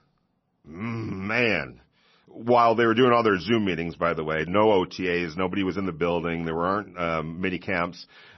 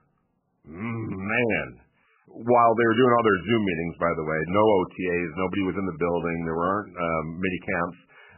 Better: first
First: garbled, watery; slightly; nothing above 6 kHz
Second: garbled, watery; badly; nothing above 3 kHz

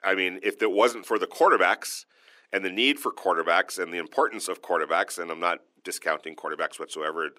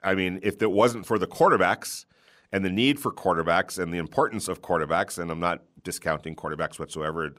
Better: second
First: thin; somewhat; fading below 300 Hz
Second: none

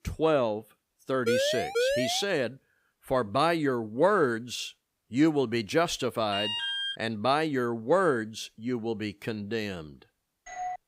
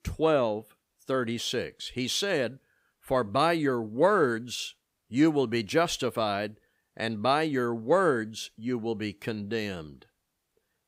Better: second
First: siren; loud; at 1.5 s; peak 1 dB above the speech // alarm; noticeable; at 6.5 s; peak level with the speech // doorbell; noticeable; at 10 s; peak 8 dB below the speech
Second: none

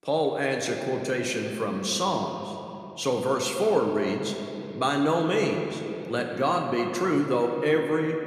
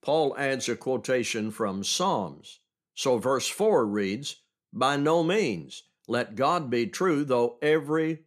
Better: second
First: room echo; slight; dies away in 2.6 s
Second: none

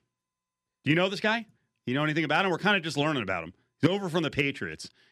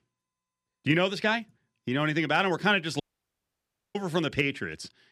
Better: first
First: none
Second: audio cutting out; at 3 s for 1 s

